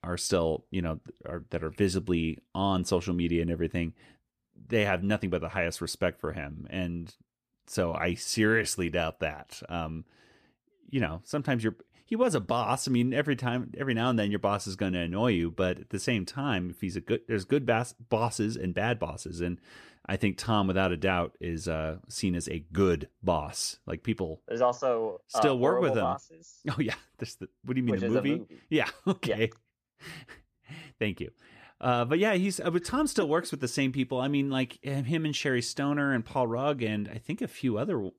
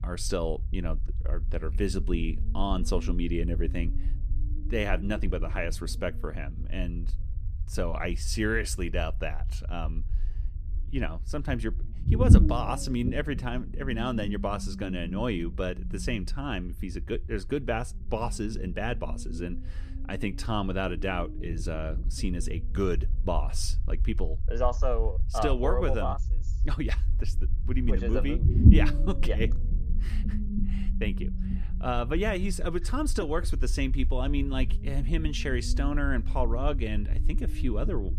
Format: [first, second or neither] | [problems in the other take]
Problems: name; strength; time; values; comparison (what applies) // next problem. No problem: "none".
first | low rumble; noticeable; throughout; 10 dB below the speech